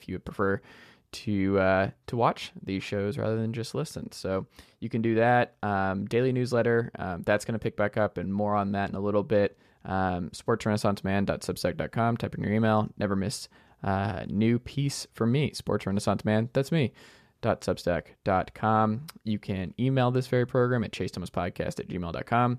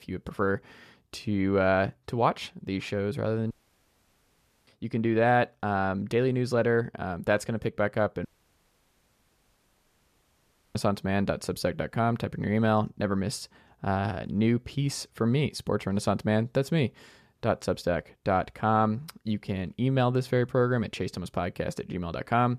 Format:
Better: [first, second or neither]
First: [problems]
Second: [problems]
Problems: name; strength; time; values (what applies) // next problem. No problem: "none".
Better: first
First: none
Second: audio cutting out; at 3.5 s for 1 s and at 8.5 s for 2.5 s